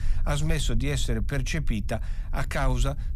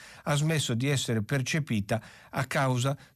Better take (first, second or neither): second